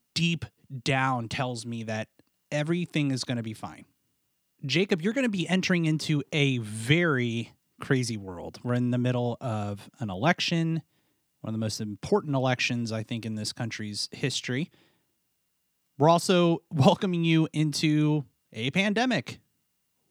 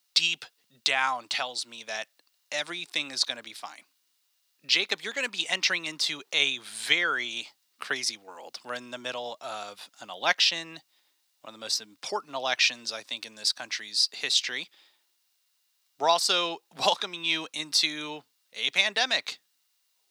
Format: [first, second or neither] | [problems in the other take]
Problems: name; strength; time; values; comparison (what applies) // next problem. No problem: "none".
first | thin; very; fading below 850 Hz